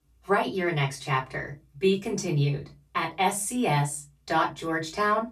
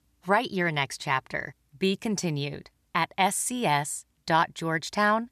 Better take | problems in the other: second | off-mic speech; far // room echo; very slight; dies away in 0.2 s

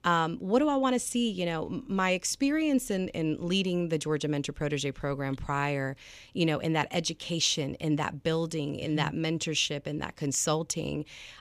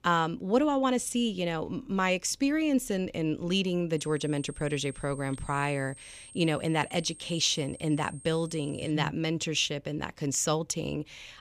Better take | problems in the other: first | high-pitched whine; noticeable; from 4 to 9 s; 8.5 kHz, 20 dB below the speech

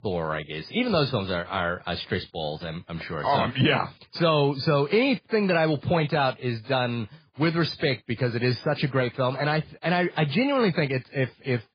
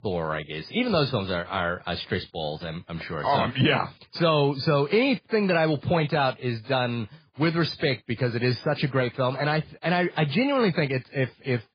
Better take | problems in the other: neither | garbled, watery; badly; nothing above 4 kHz; the same in both

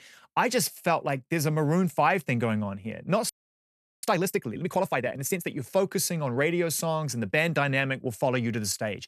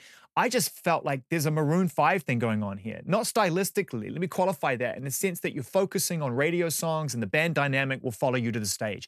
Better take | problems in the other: second | audio freezing; at 3.5 s for 0.5 s

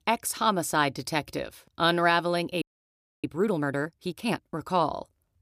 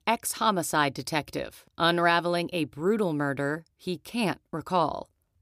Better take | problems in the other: second | audio freezing; at 2.5 s for 0.5 s

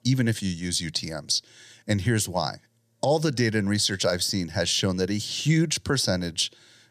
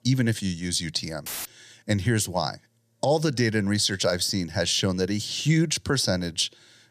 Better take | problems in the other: first | audio cutting out; filled with static; at 1.5 s

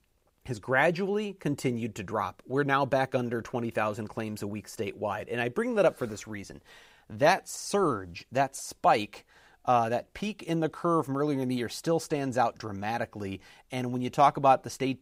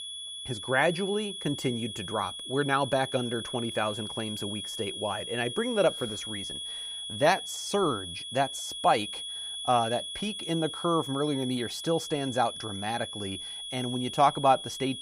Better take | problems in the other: first | high-pitched whine; loud; throughout; 3.5 kHz, 6 dB below the speech

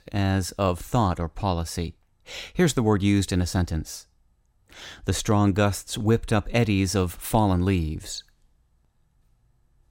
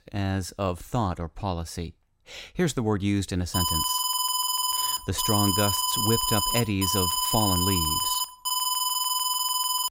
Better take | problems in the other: first | alarm; loud; from 3.5 s on; peak 5 dB above the speech

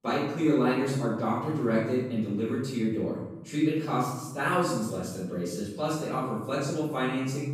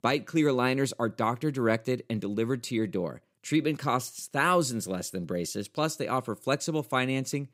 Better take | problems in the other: second | off-mic speech; far // room echo; strong; dies away in 1 s

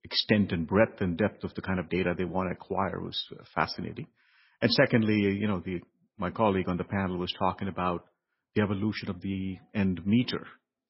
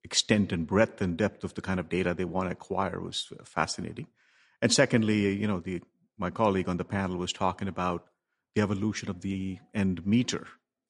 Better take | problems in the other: second | garbled, watery; badly; nothing above 5.5 kHz; slightly in the second

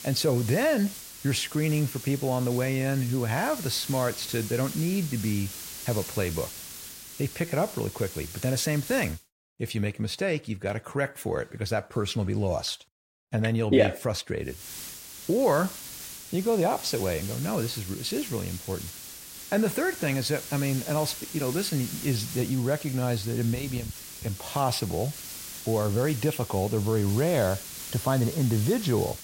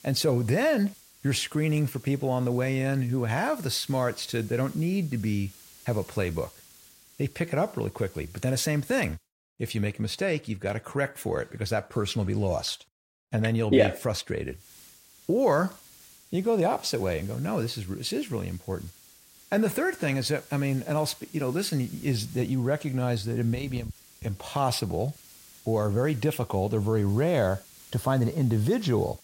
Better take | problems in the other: second | hiss; loud; until 9 s and from 15 s on; 10 dB below the speech; faint in the second

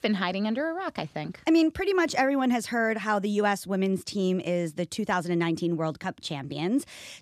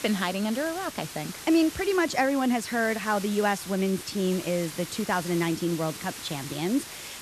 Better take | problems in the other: first | hiss; noticeable; throughout; 10 dB below the speech

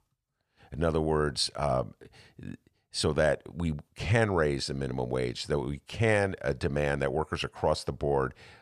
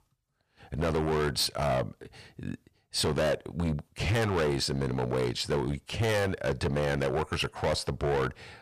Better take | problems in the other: first | distortion; heavy; 15% of the sound clipped

